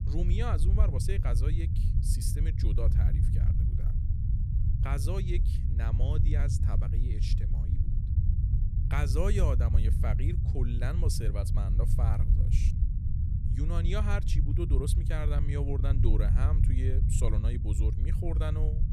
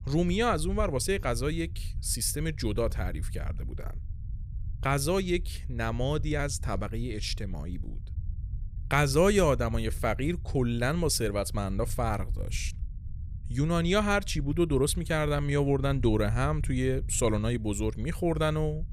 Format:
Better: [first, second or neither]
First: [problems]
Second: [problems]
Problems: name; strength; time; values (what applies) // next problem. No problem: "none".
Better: second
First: low rumble; loud; throughout; 4 dB below the speech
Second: low rumble; faint; throughout; 25 dB below the speech